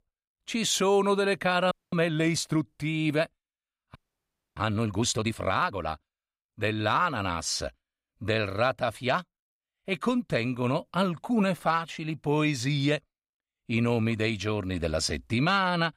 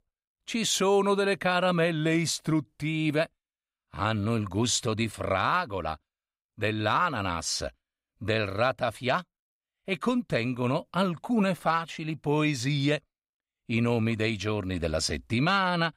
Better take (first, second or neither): second